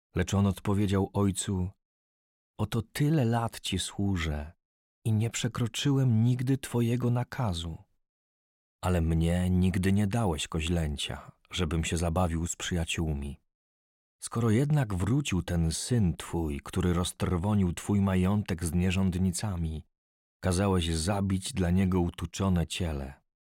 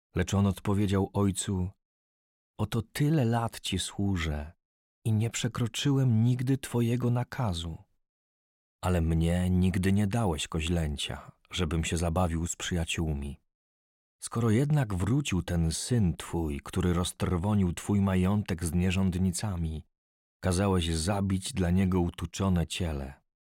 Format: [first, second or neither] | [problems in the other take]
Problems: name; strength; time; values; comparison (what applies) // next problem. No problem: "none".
neither | none